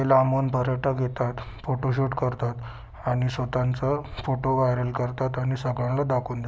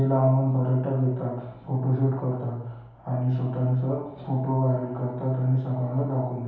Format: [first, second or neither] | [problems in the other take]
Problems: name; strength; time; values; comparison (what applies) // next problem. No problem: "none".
first | room echo; dies away in 0.8 s